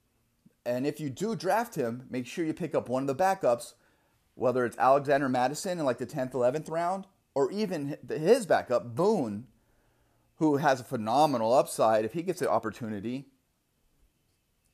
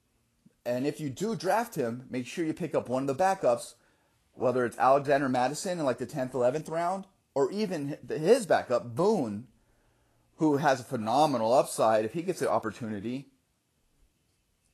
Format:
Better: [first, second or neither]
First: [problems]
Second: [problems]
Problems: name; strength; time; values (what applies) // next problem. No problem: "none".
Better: first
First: none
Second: garbled, watery; slightly; nothing above 12.5 kHz